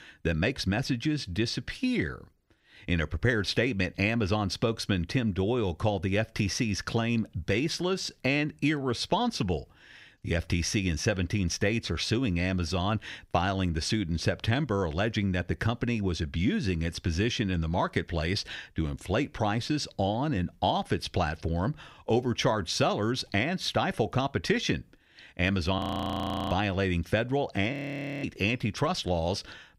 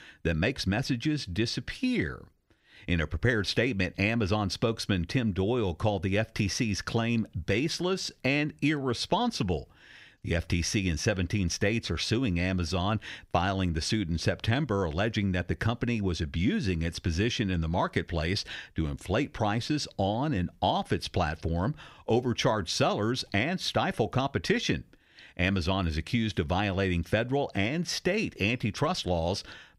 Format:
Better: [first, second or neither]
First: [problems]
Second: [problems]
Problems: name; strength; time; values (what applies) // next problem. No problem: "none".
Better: second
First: audio freezing; at 26 s for 0.5 s and at 28 s for 0.5 s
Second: none